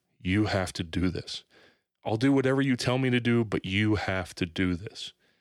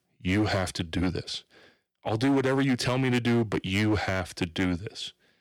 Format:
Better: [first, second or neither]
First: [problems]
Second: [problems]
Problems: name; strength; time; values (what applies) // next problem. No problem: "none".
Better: first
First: none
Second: distortion; slight; 9% of the sound clipped